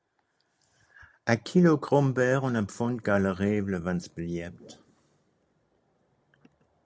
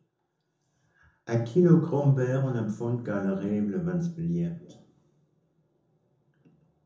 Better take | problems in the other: first | room echo; dies away in 0.6 s

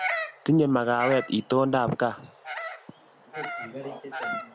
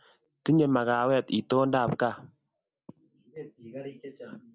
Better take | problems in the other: second | background sound (Bird vocalization, bird call, bird song); 9 dB below the speech

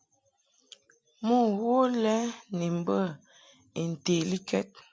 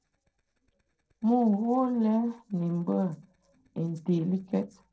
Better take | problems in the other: first | noise reduction (neural separator model SepFormer DNS4)

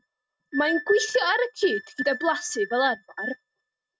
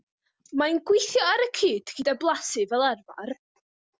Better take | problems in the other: second | noise reduction (neural mask model RNNoise)

